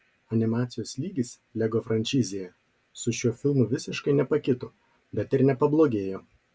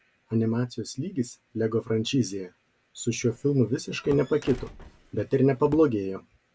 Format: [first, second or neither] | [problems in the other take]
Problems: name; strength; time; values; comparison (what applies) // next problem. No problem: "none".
first | background sound (Drawer open or close + Squeak / Slam / Wood); 17 dB below the speech